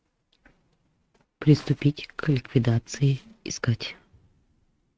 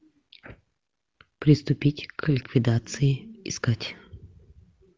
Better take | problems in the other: second | noise reduction (neural mask model RNNoise)

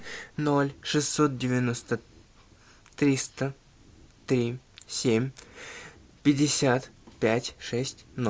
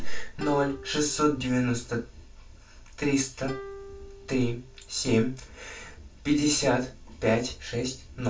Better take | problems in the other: first | background sound (Plucked string instrument); 17 dB below the speech // room echo; dies away in 0.2 s

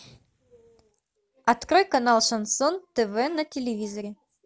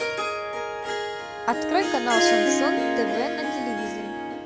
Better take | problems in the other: first | background sound (Harp); 4 dB above the speech

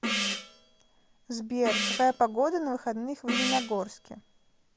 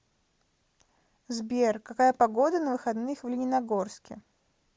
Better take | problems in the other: second | background sound (Gong); 4 dB below the speech

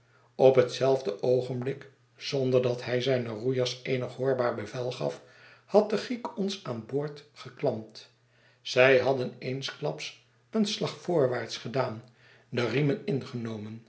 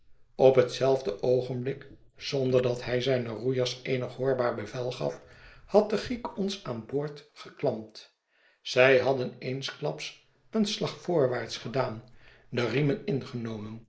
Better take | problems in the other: first | noise reduction (neural mask model Resemble Enhance denoiser)

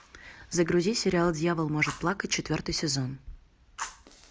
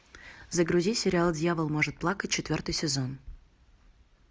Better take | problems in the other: second | background sound (Fire); 18 dB below the speech

